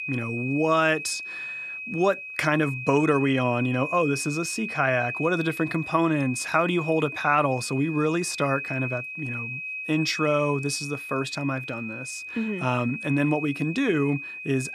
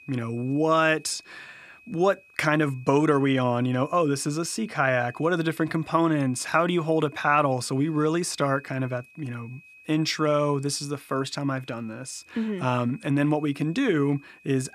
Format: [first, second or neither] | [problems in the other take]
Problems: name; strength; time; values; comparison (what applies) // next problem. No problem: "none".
second | high-pitched whine; loud; throughout; 2.5 kHz, 7 dB below the speech; faint in the second